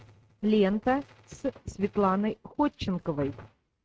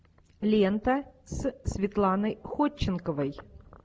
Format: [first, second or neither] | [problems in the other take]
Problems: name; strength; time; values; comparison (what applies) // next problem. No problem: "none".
second | noise reduction (neural mask model RNNoise)